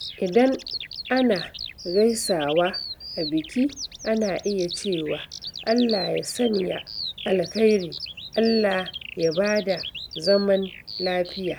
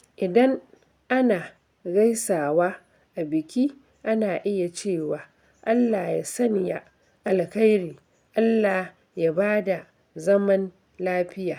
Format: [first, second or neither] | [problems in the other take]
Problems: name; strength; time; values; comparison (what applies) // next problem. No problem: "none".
second | background sound (Bird vocalization, bird call, bird song); 11 dB below the speech